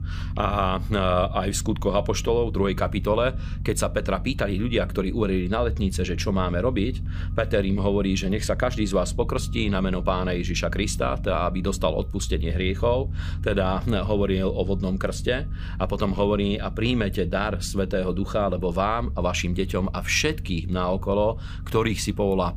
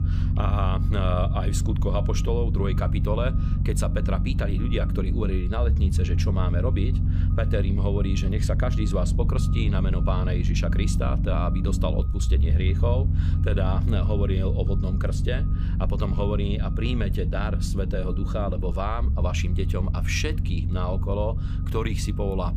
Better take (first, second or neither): first